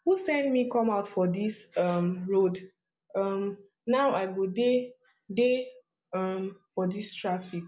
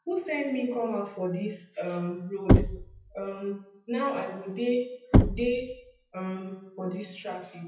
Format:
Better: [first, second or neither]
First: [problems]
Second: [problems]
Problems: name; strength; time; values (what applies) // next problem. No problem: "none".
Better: first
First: none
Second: noise reduction (classical method WPE with log-MMSE)